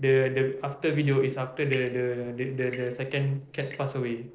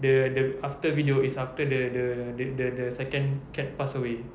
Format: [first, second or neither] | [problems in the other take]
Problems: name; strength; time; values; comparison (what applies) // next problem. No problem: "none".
second | noise reduction (neural separator model SepFormer DNS4)